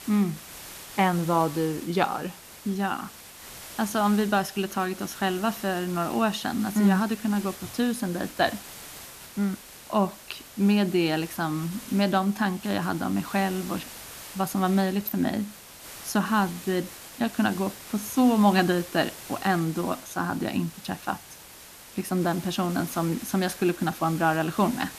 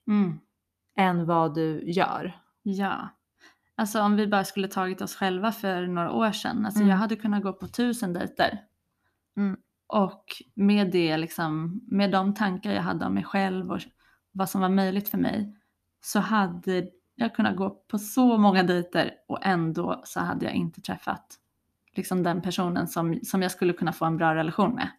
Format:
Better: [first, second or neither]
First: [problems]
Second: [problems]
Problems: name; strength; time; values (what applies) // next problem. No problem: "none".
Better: second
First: hiss; noticeable; throughout; 15 dB below the speech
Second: none